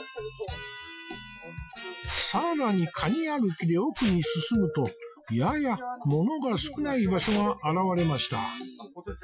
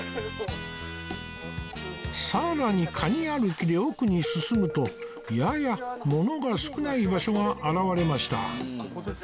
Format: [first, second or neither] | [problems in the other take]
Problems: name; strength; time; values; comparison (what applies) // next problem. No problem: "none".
second | noise reduction (classical method Wiener filter)